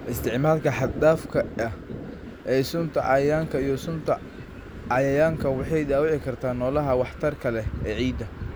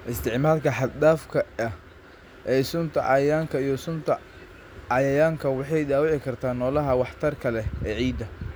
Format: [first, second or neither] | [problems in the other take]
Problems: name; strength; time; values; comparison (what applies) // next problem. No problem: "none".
second | background sound (Thunder); 12 dB below the speech